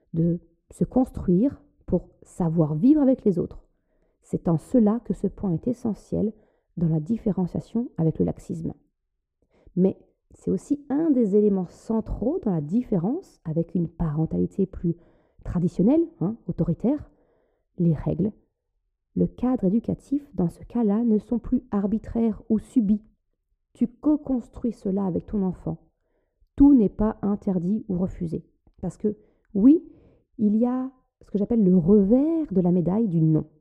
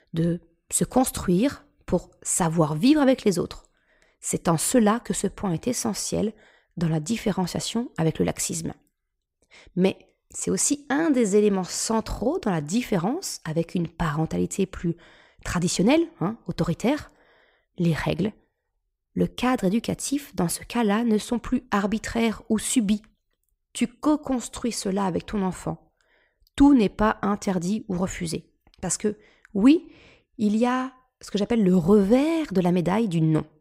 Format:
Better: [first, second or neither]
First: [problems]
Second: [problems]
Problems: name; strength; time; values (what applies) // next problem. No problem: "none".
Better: second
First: muffled; very; fading above 1 kHz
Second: none